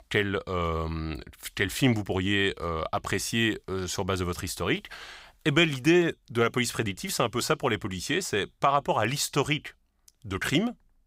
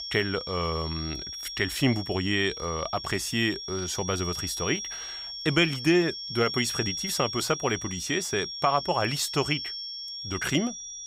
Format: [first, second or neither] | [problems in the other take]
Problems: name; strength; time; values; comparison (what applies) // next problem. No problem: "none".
first | high-pitched whine; loud; throughout; 5.5 kHz, 6 dB below the speech